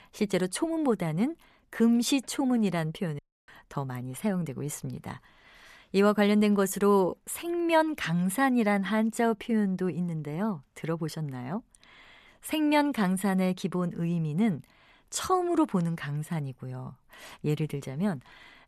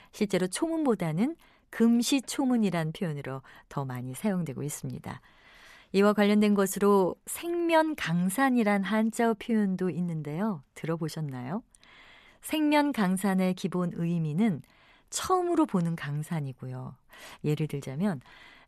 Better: second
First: audio cutting out; at 3 s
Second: none

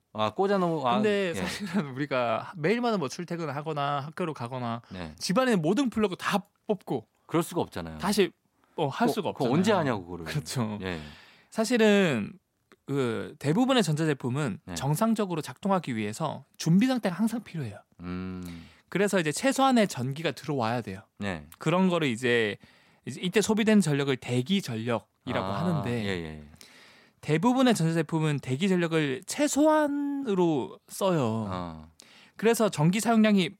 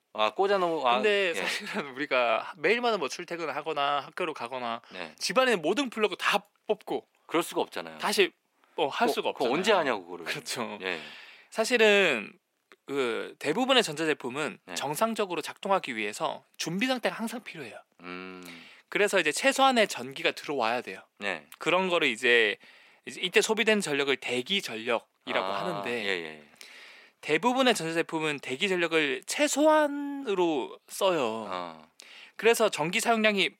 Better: first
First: none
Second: thin; somewhat; fading below 400 Hz

